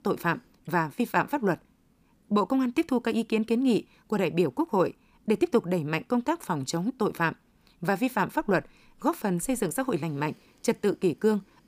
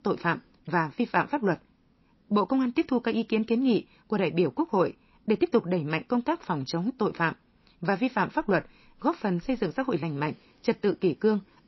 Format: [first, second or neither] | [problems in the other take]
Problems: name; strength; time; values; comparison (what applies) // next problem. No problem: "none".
first | garbled, watery; slightly; nothing above 5.5 kHz